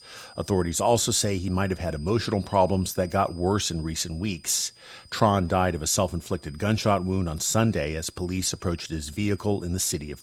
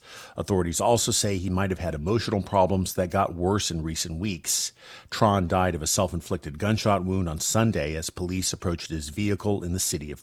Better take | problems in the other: second | high-pitched whine; faint; throughout; 5 kHz, 25 dB below the speech

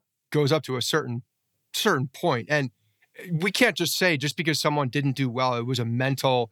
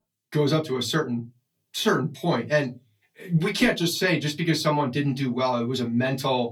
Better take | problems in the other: first | off-mic speech; far // room echo; very slight; dies away in 0.2 s

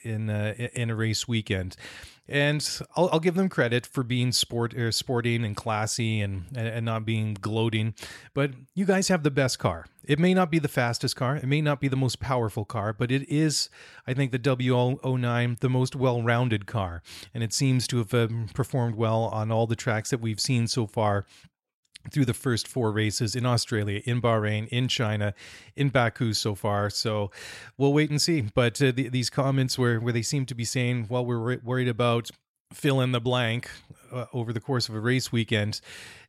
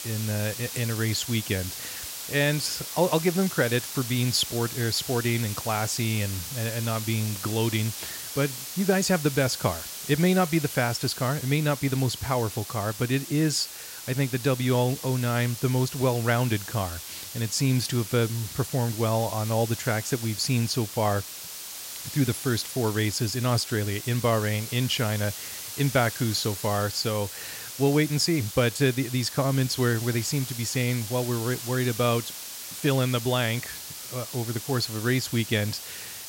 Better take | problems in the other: first | hiss; loud; throughout; 8 dB below the speech

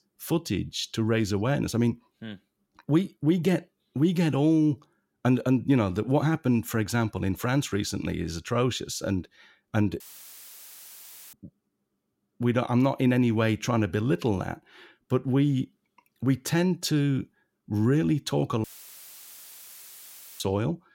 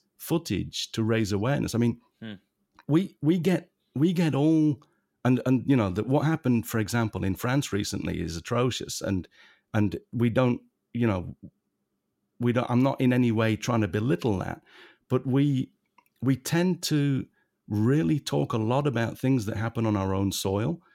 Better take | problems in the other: second | audio cutting out; filled with static; at 10 s for 1.5 s and at 19 s for 2 s

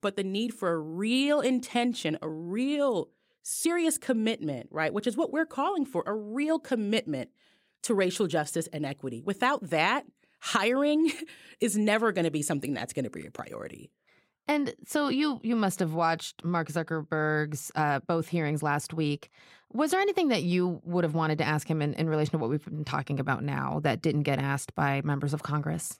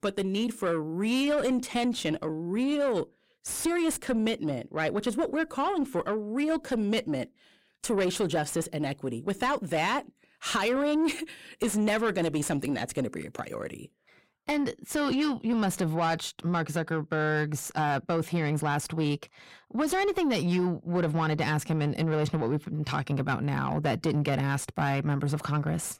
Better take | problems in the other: first | distortion; slight; 10 dB below the speech

